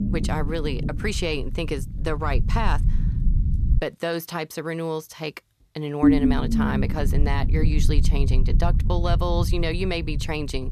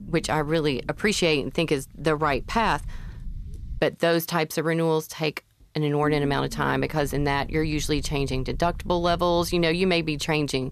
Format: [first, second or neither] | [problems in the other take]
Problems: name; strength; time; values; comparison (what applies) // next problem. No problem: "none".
second | low rumble; loud; until 4 s and from 6 s on; 4 dB below the speech; faint in the second